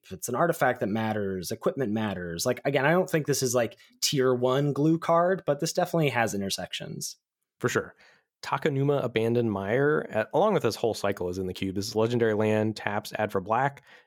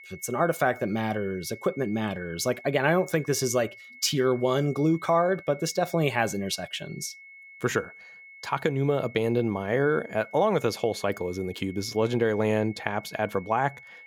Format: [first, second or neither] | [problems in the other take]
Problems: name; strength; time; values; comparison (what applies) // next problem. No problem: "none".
first | high-pitched whine; noticeable; throughout; 2 kHz, 20 dB below the speech